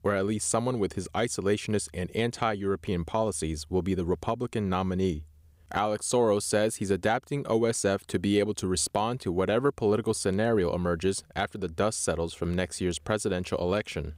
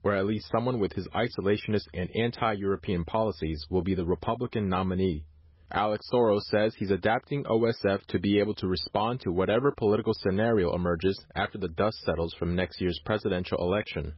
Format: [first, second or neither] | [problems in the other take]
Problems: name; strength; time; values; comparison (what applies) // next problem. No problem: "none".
first | garbled, watery; badly; nothing above 5.5 kHz